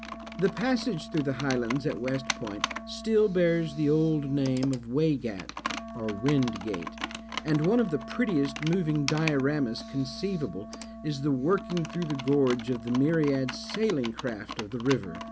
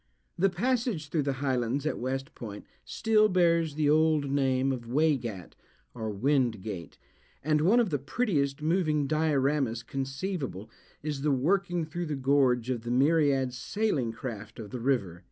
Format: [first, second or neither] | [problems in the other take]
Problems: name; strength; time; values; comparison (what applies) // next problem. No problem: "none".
second | background sound (Wind instrument, woodwind instrument + Computer keyboard); 11 dB below the speech